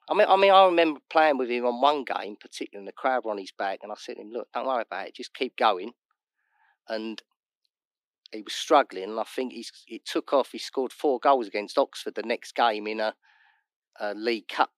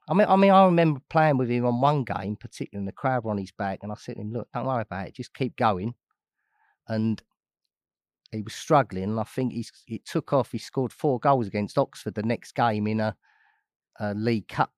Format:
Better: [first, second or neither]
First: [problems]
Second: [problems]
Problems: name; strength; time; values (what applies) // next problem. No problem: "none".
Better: second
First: thin; somewhat; fading below 300 Hz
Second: none